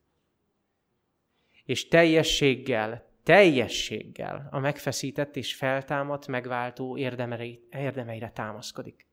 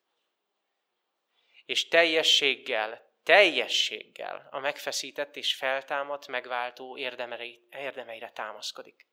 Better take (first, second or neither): first